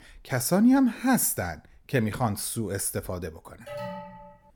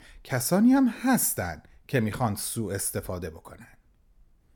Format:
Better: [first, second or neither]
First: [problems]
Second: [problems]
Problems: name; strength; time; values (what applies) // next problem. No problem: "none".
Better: second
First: alarm; faint; at 3.5 s; peak 10 dB below the speech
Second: none